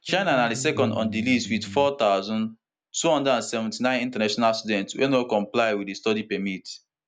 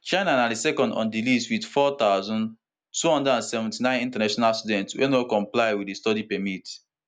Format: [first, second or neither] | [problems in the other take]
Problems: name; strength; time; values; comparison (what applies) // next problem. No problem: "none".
second | background sound (Electric guitar); 11 dB below the speech